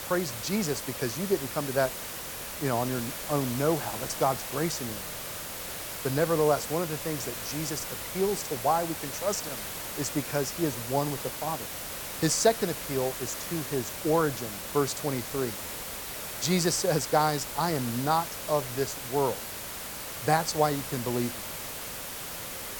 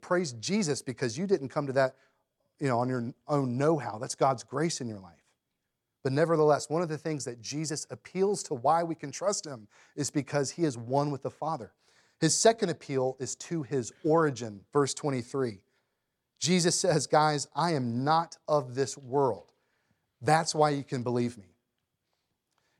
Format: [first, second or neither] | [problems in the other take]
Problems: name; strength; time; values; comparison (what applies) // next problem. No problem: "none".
second | hiss; loud; throughout; 5 dB below the speech